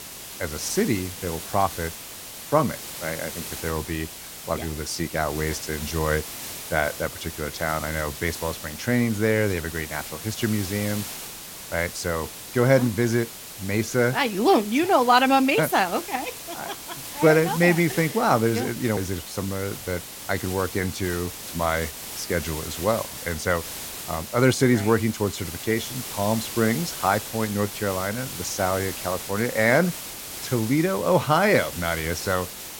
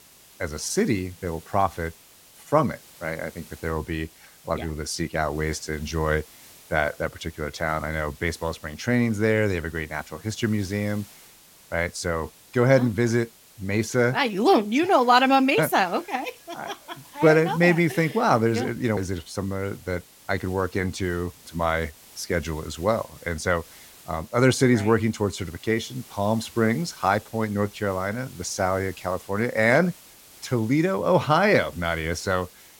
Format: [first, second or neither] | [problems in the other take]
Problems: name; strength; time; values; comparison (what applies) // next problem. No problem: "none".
second | hiss; loud; throughout; 10 dB below the speech; faint in the second